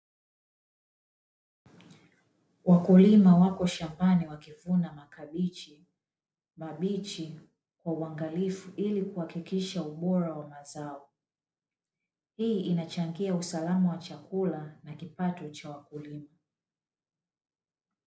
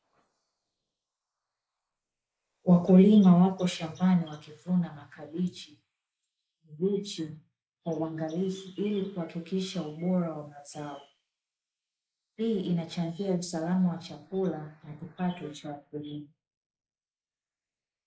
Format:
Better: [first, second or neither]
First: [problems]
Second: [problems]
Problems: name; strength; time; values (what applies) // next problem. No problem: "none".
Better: first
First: none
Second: noise reduction (neural mask model Resemble Enhance denoiser)